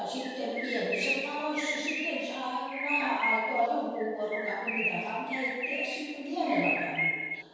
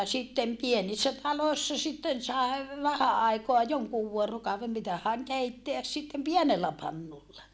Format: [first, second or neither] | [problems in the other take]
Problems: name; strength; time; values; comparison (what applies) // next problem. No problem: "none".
second | background sound (Bird); 2 dB below the speech // room echo; dies away in 1.2 s